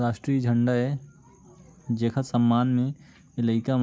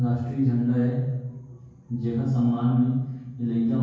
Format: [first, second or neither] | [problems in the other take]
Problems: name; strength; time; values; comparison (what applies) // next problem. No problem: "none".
first | room echo; dies away in 1.3 s